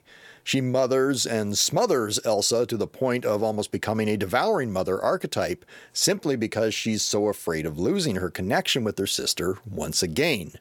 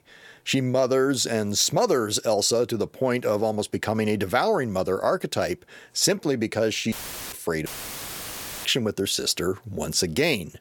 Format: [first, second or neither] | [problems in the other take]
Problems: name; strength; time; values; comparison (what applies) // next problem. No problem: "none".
first | audio cutting out; filled with static; at 7 s and at 7.5 s for 1 s